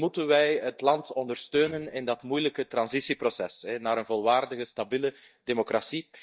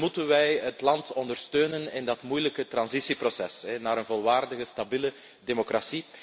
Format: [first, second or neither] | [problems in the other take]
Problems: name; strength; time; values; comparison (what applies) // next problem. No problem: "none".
second | noise reduction (neural mask model DeepFilterNet 3)